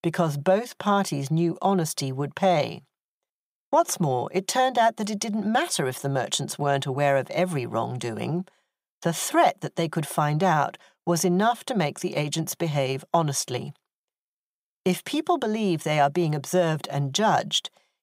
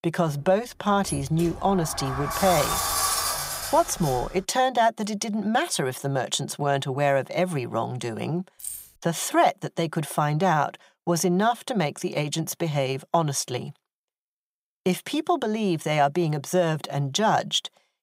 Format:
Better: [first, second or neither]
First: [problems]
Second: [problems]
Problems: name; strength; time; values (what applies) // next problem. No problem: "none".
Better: first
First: none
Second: door banging; loud; from 1 to 4.5 s; peak 3 dB above the speech // jangling keys; noticeable; at 8.5 s; peak 10 dB below the speech